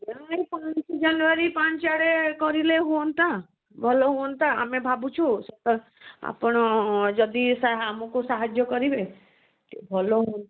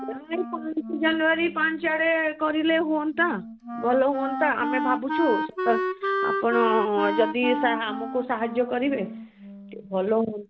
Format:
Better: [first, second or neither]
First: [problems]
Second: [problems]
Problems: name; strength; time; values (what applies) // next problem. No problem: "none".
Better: first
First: none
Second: background sound (Wind instrument, woodwind instrument); 6 dB below the speech